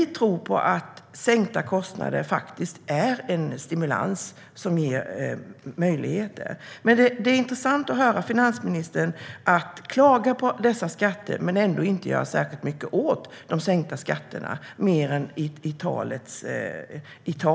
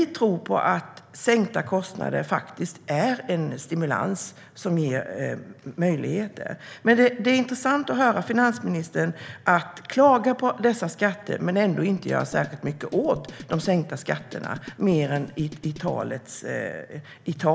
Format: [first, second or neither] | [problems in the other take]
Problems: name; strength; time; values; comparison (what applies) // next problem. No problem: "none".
first | background sound (Drum kit); 18 dB below the speech